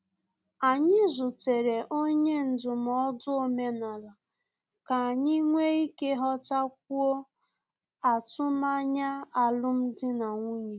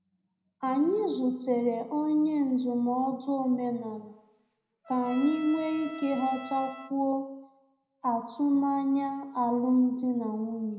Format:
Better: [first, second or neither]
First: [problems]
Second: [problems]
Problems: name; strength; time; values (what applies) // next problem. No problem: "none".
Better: first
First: none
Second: background sound (Trumpet); 17 dB below the speech // room echo; dies away in 0.7 s